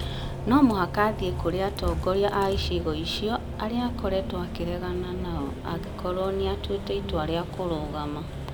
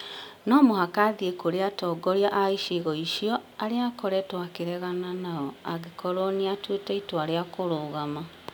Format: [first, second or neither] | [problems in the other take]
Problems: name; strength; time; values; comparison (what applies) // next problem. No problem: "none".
second | background sound (Bus); 5 dB below the speech